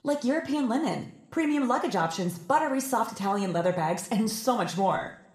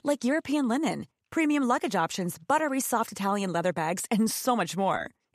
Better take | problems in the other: second | room echo; slight; dies away in 0.6 s

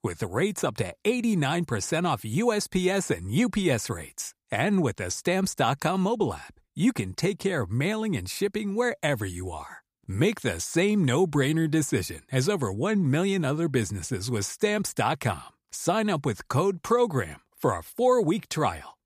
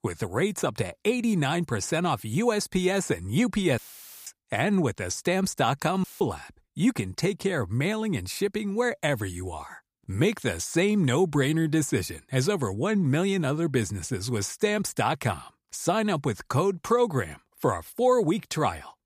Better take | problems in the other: first | audio cutting out; filled with static; at 4 s and at 6 s

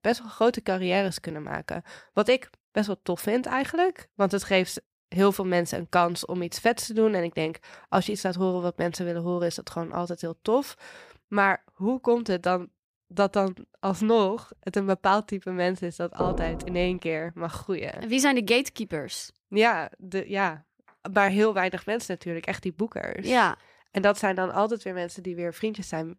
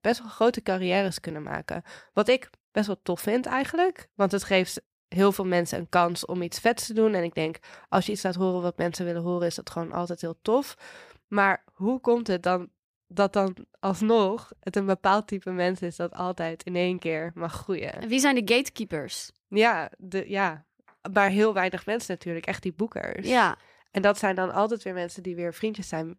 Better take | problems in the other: second | door banging; noticeable; at 16 s; peak 4 dB below the speech

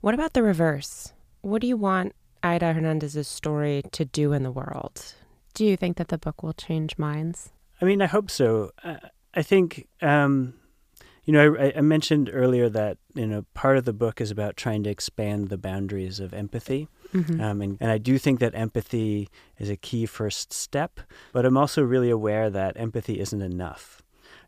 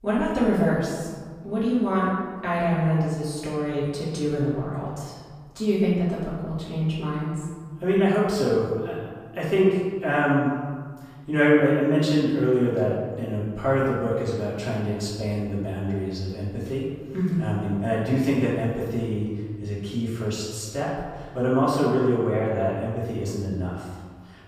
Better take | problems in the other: first | room echo; noticeable; dies away in 1.5 s // off-mic speech; far

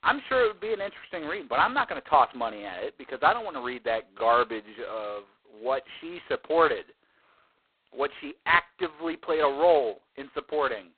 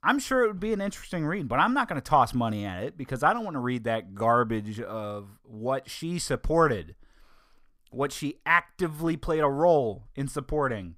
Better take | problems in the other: second | phone-call audio; poor line; nothing above 4 kHz

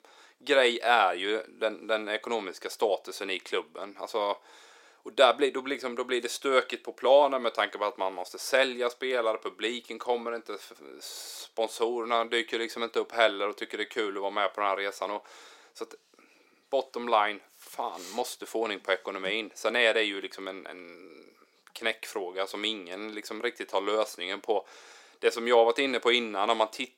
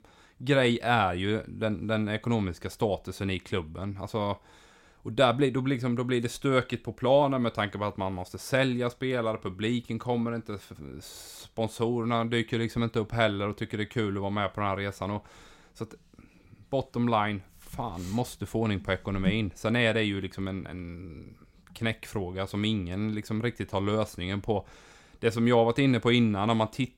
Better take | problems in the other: second | thin; very; fading below 350 Hz

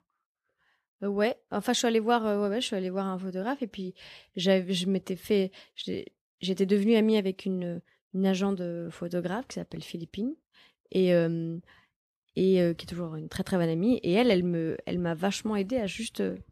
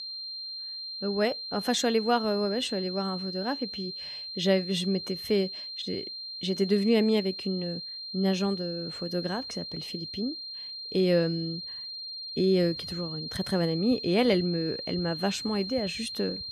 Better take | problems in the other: first | high-pitched whine; loud; throughout; 4 kHz, 7 dB below the speech

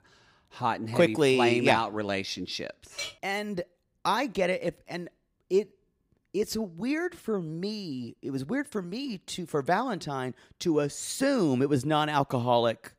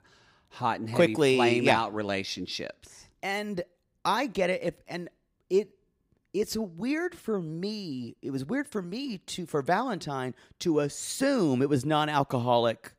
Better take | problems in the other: second | clattering dishes; noticeable; at 3 s; peak 8 dB below the speech

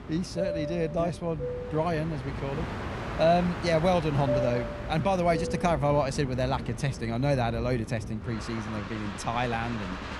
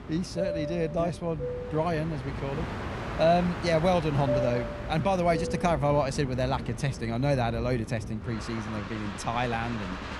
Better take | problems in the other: neither | train or aircraft noise; loud; throughout; 7 dB below the speech; the same in both

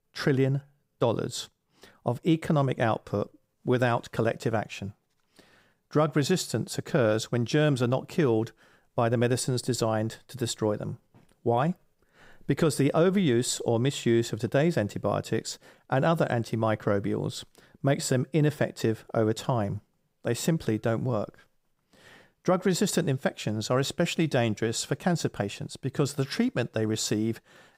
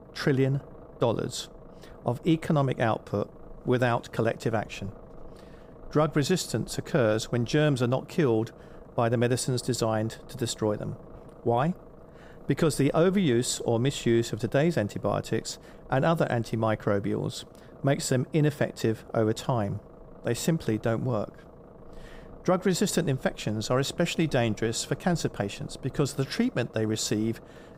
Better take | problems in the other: first | low rumble; faint; throughout; 20 dB below the speech

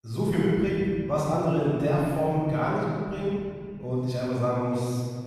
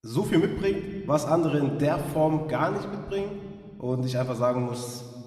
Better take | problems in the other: second | room echo; strong; dies away in 2.5 s; slight in the second // off-mic speech; far

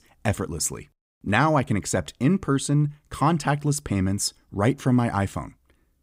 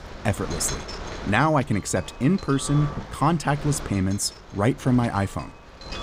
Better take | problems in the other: first | wind noise on the microphone; occasional gusts; 10 dB below the speech

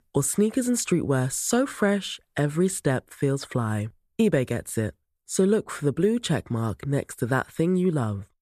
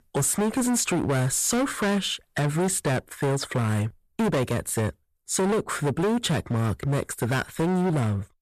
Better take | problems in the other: first | distortion; heavy; 23% of the sound clipped

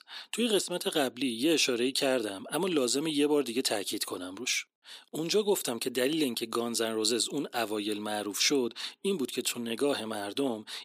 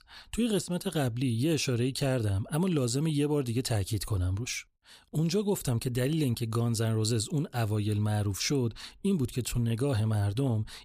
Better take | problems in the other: second | thin; somewhat; fading below 250 Hz

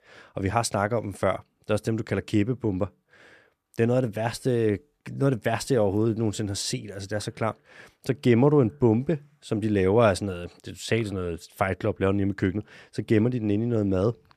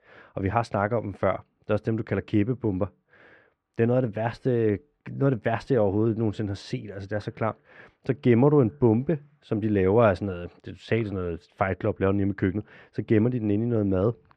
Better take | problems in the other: first | muffled; slightly; fading above 2.5 kHz

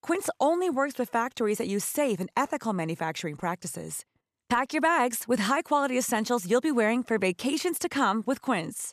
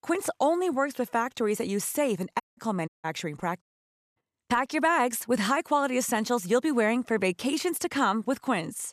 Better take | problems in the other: first | audio cutting out; at 2.5 s, at 3 s and at 3.5 s for 0.5 s

